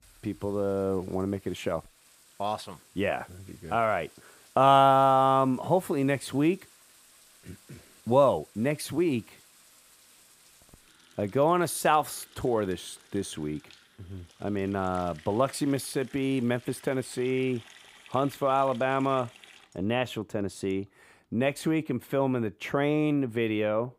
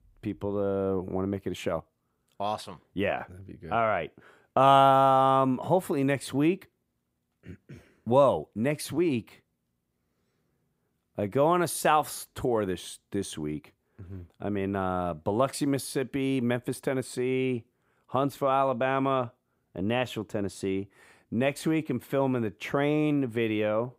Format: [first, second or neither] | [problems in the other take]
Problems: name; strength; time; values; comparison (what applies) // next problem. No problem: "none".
second | household noises; faint; throughout; 25 dB below the speech